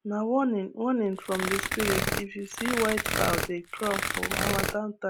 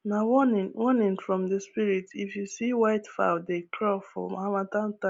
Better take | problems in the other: second | background sound (Tearing); 1 dB below the speech

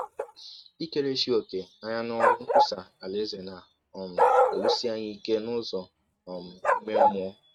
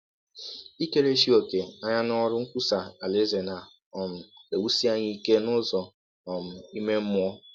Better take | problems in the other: second | noise reduction (neural mask model RNNoise)

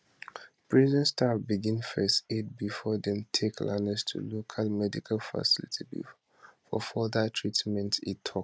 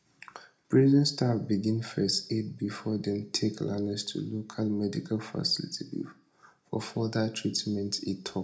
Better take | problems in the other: first | room echo; dies away in 0.3 s

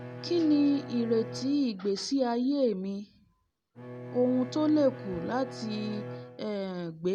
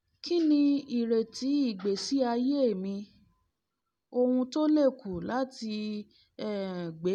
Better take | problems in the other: second | background sound (Bowed string instrument); 13 dB below the speech

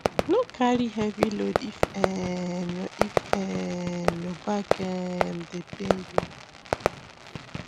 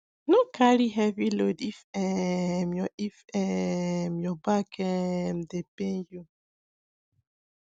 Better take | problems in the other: second | background sound (Fireworks); as loud as the speech

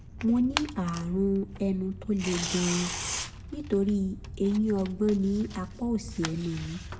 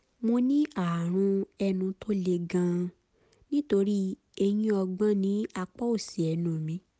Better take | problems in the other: second | background sound (Tearing); 9 dB below the speech // room echo; dies away in 0.9 s

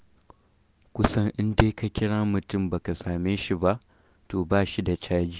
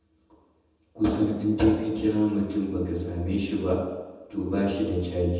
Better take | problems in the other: first | room echo; dies away in 1.1 s

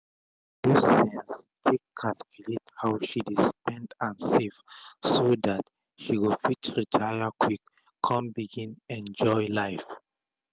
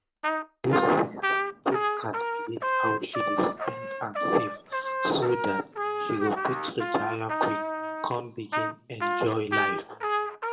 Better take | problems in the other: first | background sound (Trumpet); as loud as the speech // room echo; dies away in 0.6 s

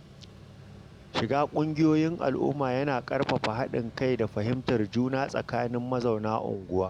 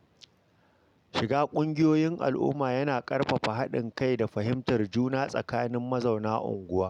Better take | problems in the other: second | background sound (Mechanical fan); 19 dB below the speech

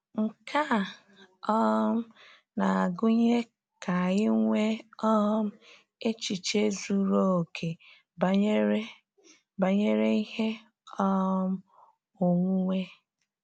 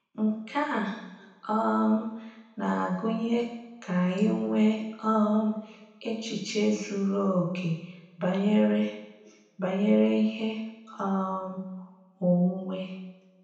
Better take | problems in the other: first | room echo; dies away in 0.9 s

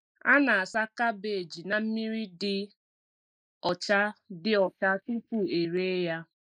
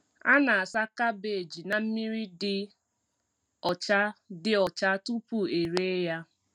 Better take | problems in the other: second | noise reduction (neural mask model Resemble Enhance denoiser)

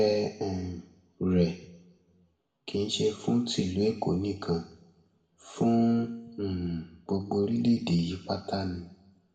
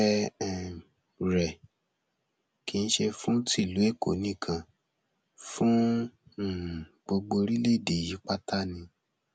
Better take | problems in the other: second | room echo; dies away in 0.7 s

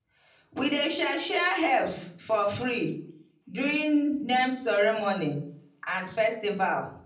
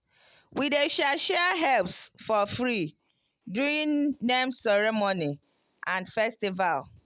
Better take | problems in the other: second | room echo; dies away in 0.6 s

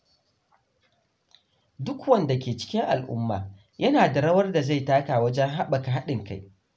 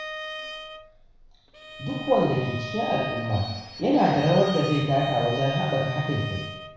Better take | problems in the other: first | background sound (Bowed string instrument); 11 dB below the speech // room echo; dies away in 1.1 s

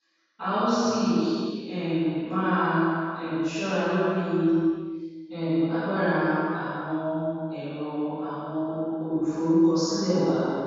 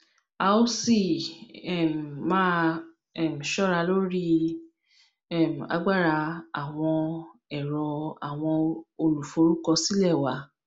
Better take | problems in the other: second | room echo; dies away in 2.2 s

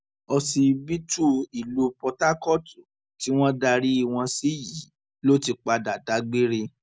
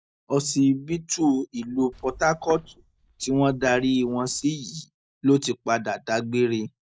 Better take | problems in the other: first | noise reduction (neural mask model DeepFilterNet 3)

